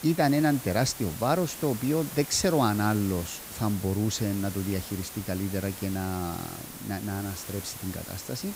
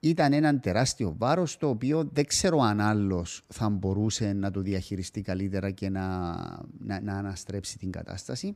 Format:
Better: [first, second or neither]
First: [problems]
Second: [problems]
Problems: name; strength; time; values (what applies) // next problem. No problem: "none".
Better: second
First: hiss; noticeable; throughout; 10 dB below the speech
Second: none